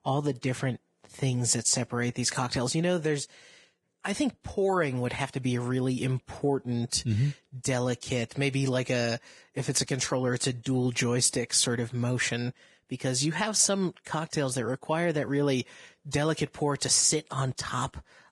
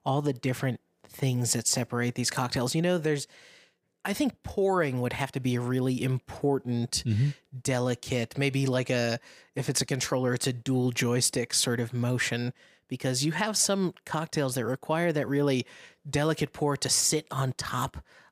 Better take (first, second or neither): second